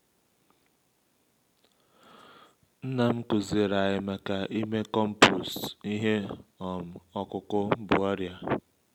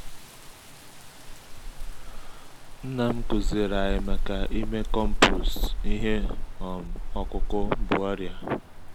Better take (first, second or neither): first